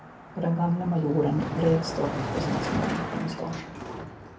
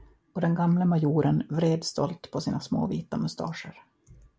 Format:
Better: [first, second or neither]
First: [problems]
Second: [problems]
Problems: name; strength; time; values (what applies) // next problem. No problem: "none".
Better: second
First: background sound (Car passing by); 6 dB below the speech // room echo; dies away in 0.3 s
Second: none